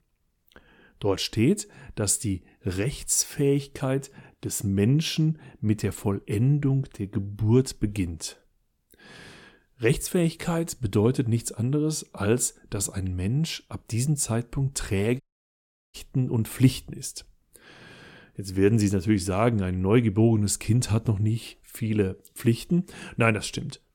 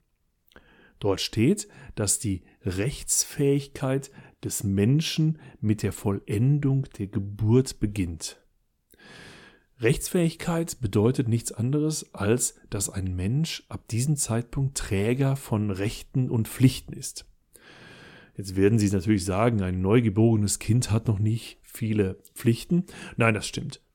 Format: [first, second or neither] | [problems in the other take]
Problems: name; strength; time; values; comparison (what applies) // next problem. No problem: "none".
second | audio cutting out; at 15 s for 0.5 s